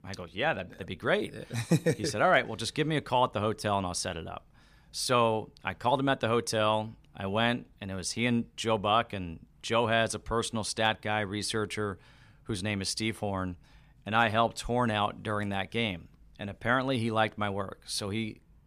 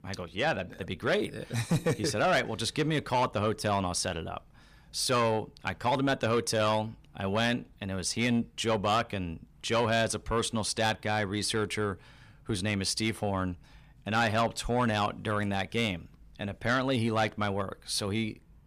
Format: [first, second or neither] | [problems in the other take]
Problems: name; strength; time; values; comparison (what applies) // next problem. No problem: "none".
first | distortion; slight; 10 dB below the speech